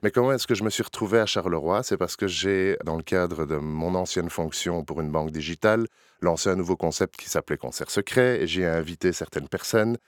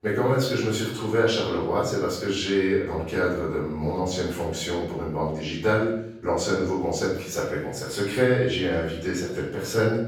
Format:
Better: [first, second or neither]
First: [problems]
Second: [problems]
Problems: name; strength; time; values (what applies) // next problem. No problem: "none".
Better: first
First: none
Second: off-mic speech; far // room echo; noticeable; dies away in 0.8 s